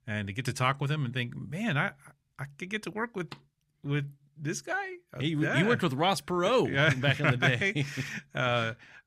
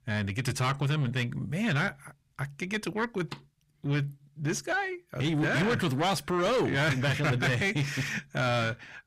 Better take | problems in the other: first | distortion; heavy; 7 dB below the speech

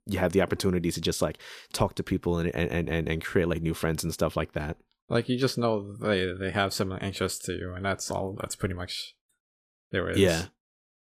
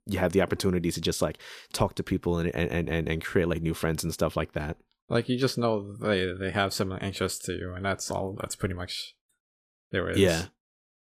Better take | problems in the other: neither | none

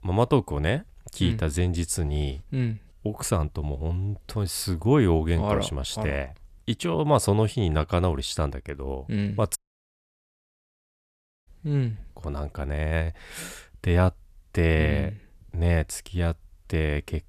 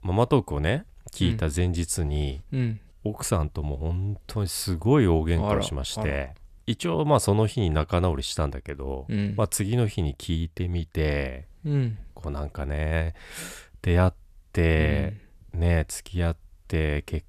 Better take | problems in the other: second | audio cutting out; at 9.5 s for 2 s

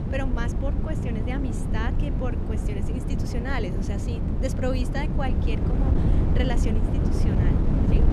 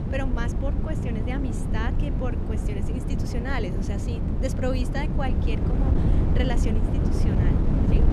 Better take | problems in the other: neither | wind noise on the microphone; heavy; 1 dB below the speech; the same in both

